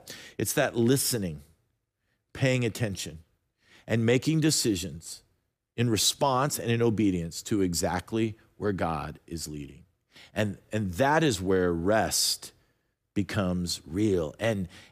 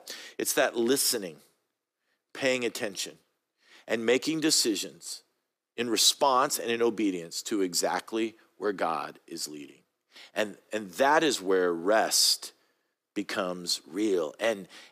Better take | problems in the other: first | thin; somewhat; fading below 300 Hz

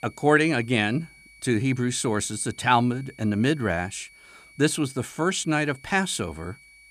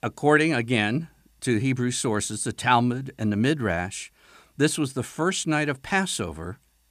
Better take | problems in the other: second | high-pitched whine; faint; throughout; 2.5 kHz, 25 dB below the speech

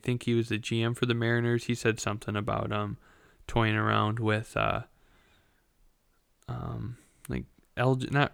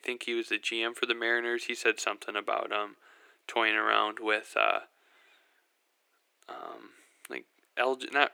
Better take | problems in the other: first | thin; very; fading below 350 Hz

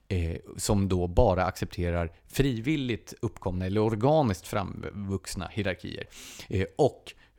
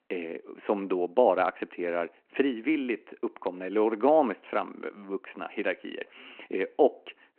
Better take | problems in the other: first | phone-call audio

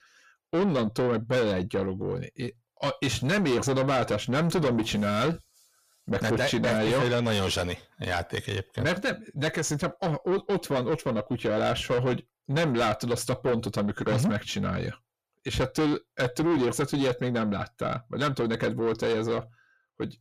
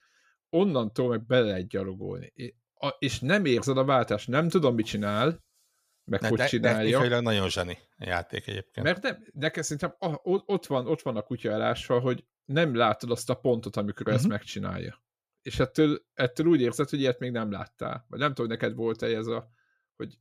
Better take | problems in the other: second | distortion; heavy; 7 dB below the speech

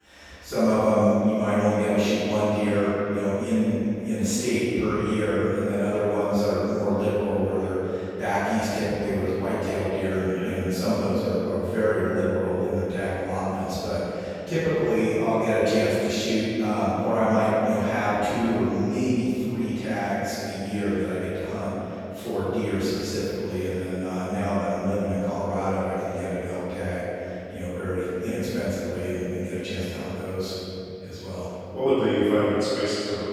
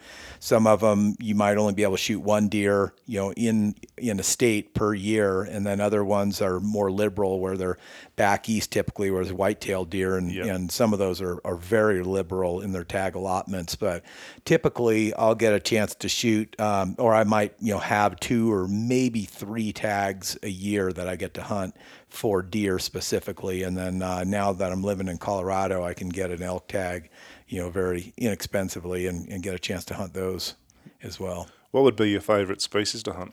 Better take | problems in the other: second | off-mic speech; far // room echo; strong; dies away in 2.7 s

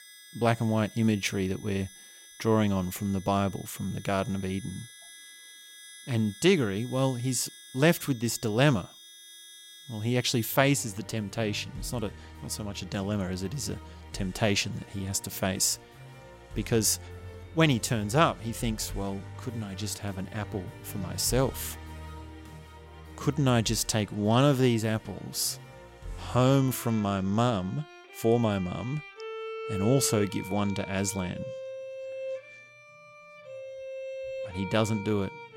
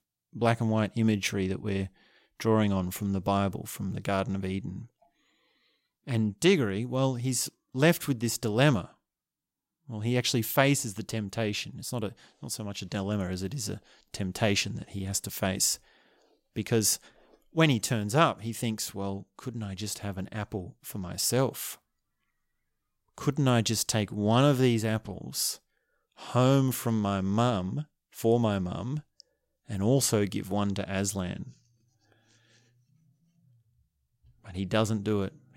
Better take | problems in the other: second | background music; noticeable; throughout; 15 dB below the speech

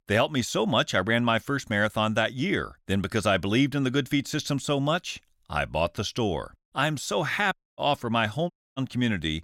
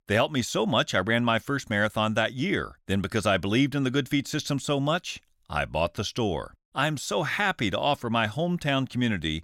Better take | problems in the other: second | audio cutting out; at 7.5 s and at 8.5 s

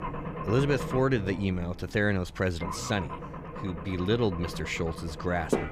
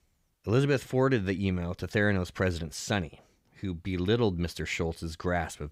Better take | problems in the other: second | low rumble; loud; throughout; 7 dB below the speech

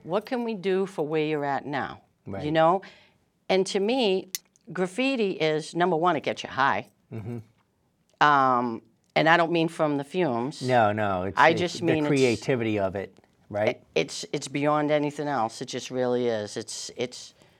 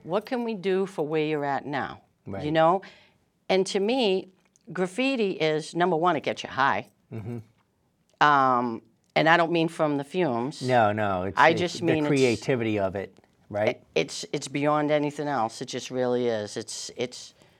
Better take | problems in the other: second | clattering dishes; very faint; at 4.5 s; peak 10 dB below the speech

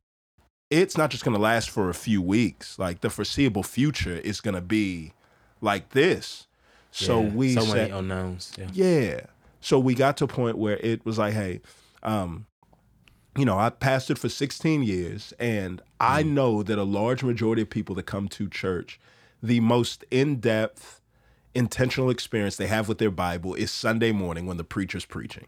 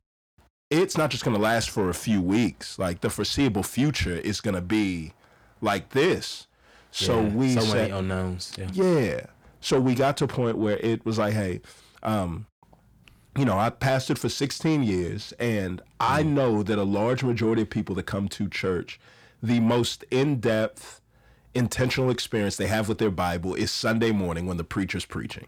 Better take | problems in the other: first | distortion; slight; 10 dB below the speech

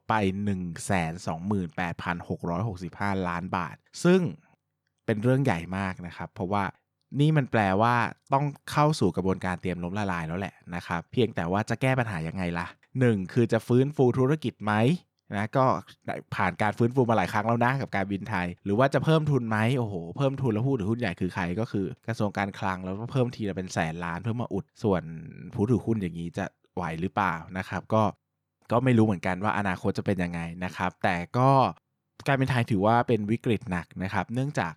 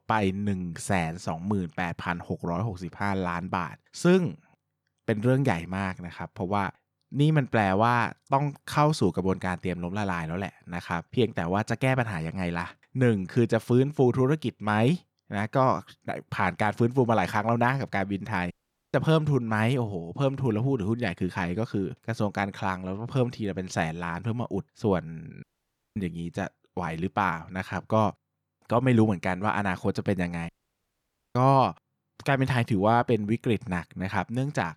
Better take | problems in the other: first | audio cutting out; at 19 s, at 25 s for 0.5 s and at 30 s for 1 s

